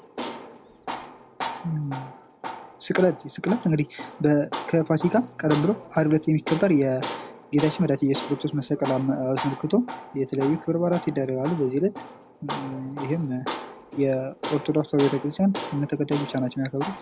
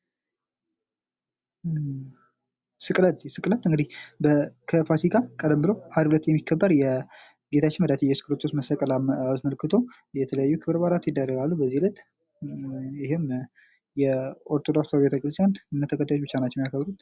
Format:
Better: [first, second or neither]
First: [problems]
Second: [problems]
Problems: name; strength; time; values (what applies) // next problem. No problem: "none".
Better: second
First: background sound (Tools); 12 dB below the speech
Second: none